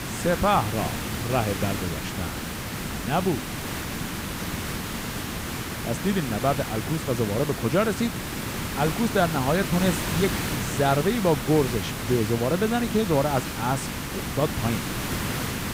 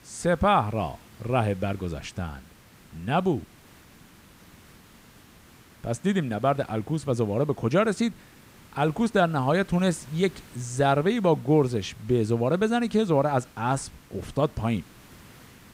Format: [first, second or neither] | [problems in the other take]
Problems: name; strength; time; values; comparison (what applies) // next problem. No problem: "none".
second | hiss; loud; throughout; 4 dB below the speech; faint in the second